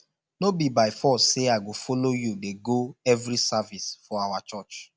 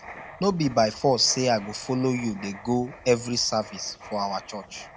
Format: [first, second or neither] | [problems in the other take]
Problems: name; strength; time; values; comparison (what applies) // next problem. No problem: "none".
first | background sound (Writing); 19 dB below the speech